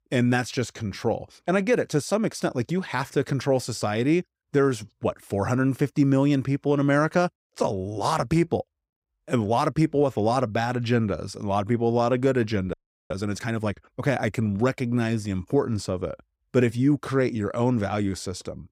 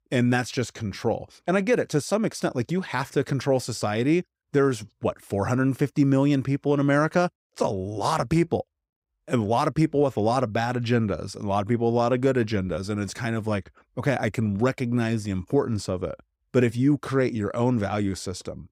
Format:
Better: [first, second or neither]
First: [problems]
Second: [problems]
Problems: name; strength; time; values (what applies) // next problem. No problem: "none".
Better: second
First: audio freezing; at 13 s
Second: none